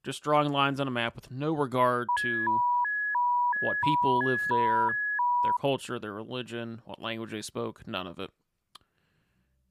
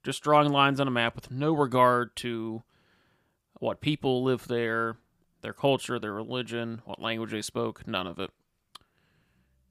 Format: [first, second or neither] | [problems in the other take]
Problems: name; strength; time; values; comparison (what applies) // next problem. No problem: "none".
second | alarm; loud; from 2 to 5.5 s; peak 6 dB above the speech